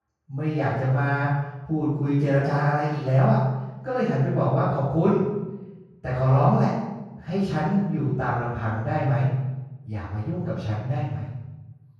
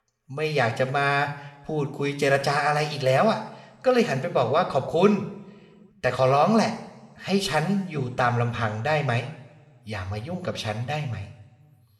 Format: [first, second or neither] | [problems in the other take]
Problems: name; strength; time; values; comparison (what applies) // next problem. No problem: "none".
second | room echo; strong; dies away in 1.3 s; slight in the second // off-mic speech; far